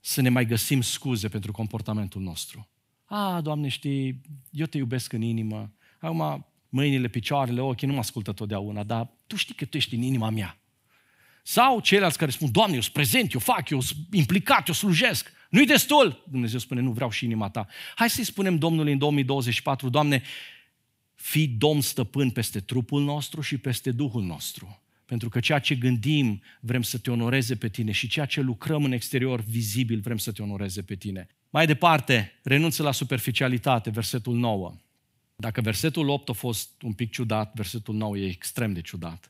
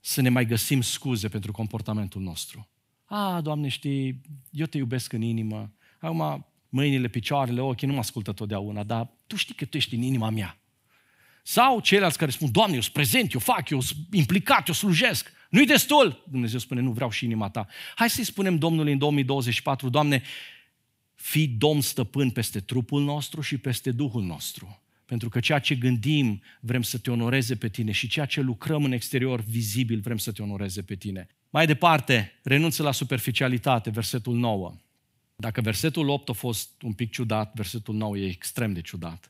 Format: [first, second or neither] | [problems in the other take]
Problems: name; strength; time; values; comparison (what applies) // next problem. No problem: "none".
neither | none